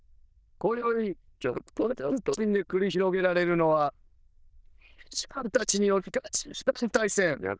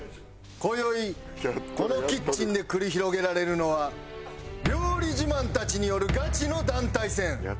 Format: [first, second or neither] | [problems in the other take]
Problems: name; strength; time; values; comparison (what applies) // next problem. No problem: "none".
second | noise reduction (neural diffusion model UNIVERSE++)